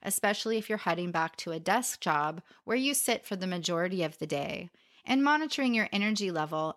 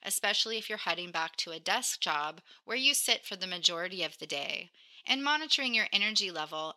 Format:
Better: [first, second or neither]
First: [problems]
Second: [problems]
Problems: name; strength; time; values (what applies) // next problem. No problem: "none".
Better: first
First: none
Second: thin; very slightly; fading below 1 kHz